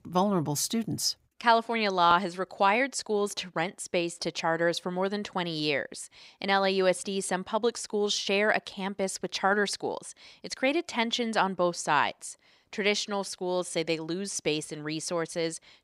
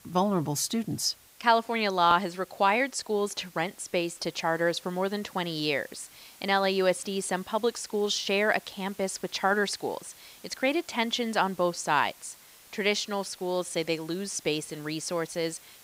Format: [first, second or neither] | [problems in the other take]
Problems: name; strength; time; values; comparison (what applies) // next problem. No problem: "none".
first | hiss; faint; throughout; 25 dB below the speech